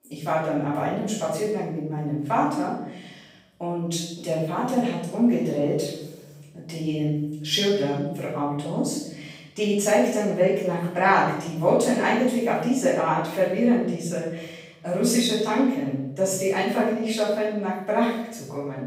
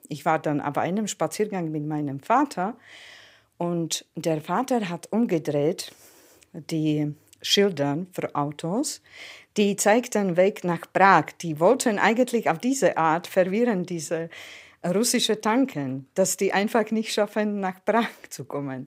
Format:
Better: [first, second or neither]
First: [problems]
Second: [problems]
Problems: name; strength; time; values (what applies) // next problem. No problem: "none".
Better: second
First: off-mic speech; far // room echo; noticeable; dies away in 0.9 s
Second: none